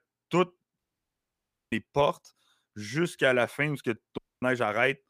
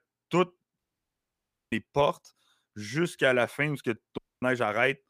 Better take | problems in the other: neither | audio cutting out; at 1 s for 1 s and at 4 s; the same in both

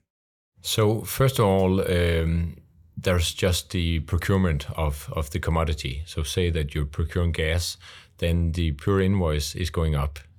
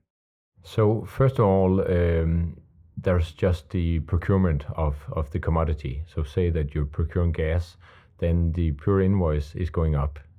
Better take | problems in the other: first | muffled; very; fading above 2.5 kHz

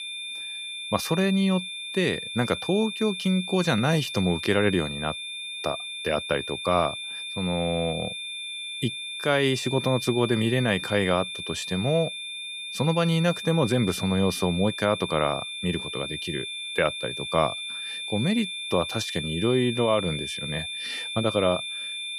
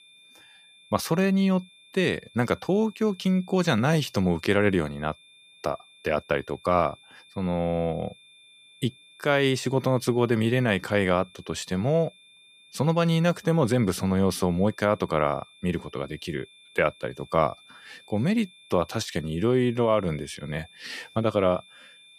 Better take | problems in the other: second | high-pitched whine; loud; throughout; 3.5 kHz, 6 dB below the speech; faint in the second

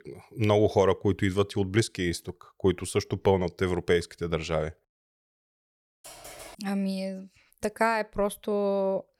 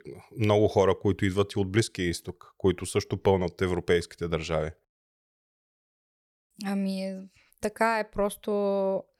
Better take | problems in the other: second | keyboard typing; faint; at 6 s; peak 15 dB below the speech

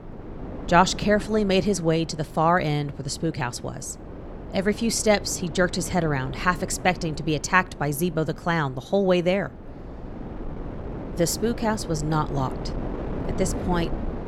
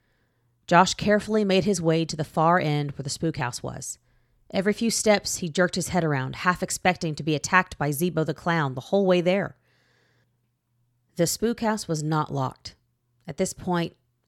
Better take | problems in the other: second | wind noise on the microphone; occasional gusts; 15 dB below the speech

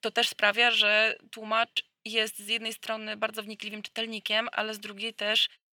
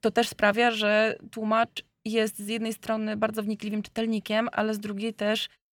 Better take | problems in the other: second | thin; somewhat; fading below 800 Hz

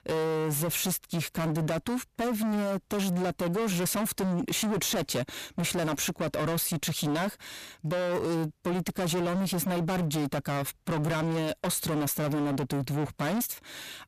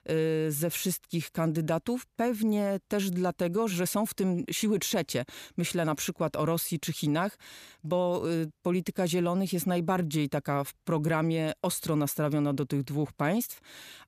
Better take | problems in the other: second | distortion; heavy; 33% of the sound clipped

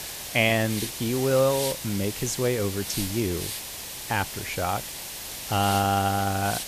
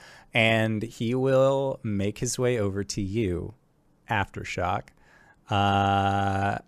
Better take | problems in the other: second | hiss; loud; throughout; 6 dB below the speech

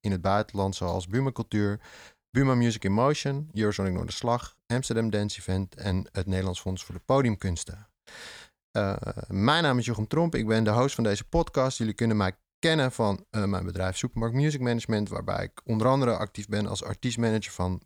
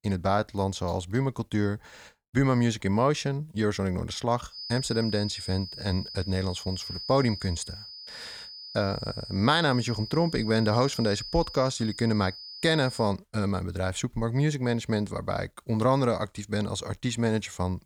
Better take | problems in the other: first | high-pitched whine; noticeable; from 4.5 to 13 s; 5 kHz, 10 dB below the speech

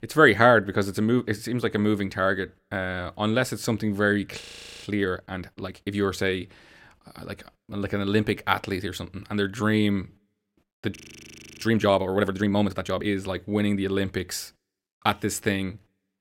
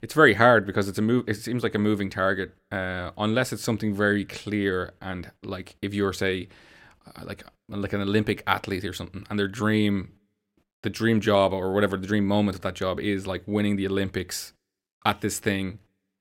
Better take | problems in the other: second | audio freezing; at 4.5 s and at 11 s for 0.5 s

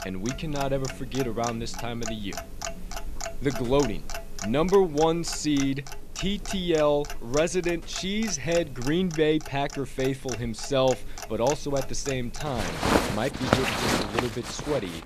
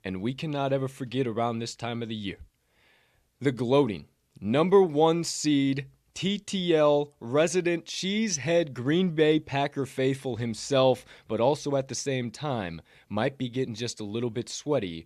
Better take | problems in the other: second | household noises; loud; throughout; 6 dB below the speech

